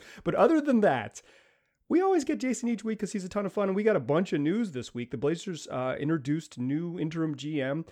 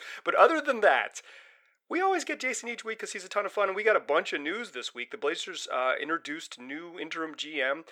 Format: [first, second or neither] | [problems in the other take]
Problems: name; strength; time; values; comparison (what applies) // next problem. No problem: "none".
first | thin; very; fading below 500 Hz